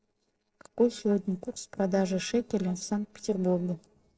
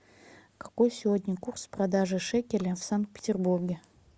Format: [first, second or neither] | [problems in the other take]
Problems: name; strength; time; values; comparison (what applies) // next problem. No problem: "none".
second | noise reduction (neural separator model SepFormer DNS4)